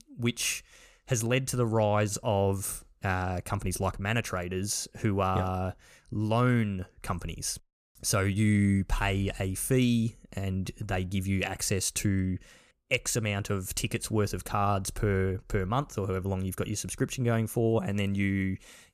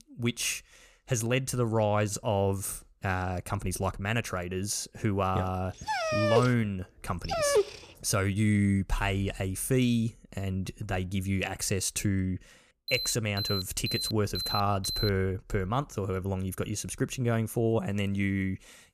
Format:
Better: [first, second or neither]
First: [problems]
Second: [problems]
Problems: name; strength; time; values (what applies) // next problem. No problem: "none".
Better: first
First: none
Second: dog barking; loud; from 6 to 7.5 s; peak 4 dB above the speech // alarm; noticeable; from 13 to 15 s; peak 2 dB below the speech